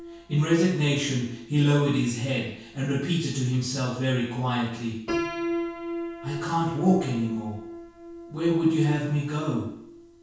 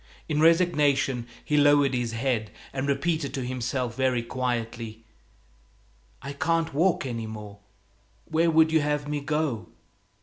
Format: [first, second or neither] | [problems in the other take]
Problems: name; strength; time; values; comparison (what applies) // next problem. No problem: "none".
second | background sound (Piano); 11 dB below the speech // room echo; dies away in 0.6 s